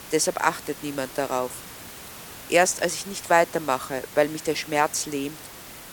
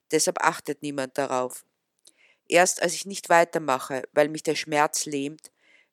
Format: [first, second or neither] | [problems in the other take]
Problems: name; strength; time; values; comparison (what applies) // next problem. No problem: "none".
second | hiss; noticeable; throughout; 15 dB below the speech